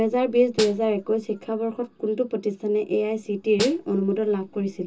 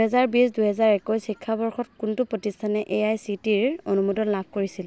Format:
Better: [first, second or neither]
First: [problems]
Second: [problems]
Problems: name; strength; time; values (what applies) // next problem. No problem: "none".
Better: second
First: background sound (Snare drum); 12 dB below the speech // room echo; dies away in 0.2 s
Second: none